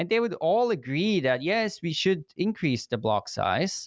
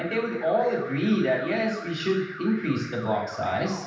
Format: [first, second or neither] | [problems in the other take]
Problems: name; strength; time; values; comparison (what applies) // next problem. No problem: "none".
first | background sound (Alarm); 14 dB below the speech // room echo; dies away in 0.8 s